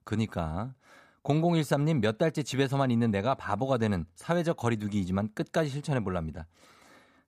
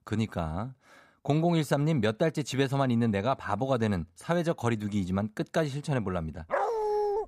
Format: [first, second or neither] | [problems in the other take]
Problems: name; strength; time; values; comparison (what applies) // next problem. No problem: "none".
first | dog barking; loud; at 6.5 s; peak 1 dB above the speech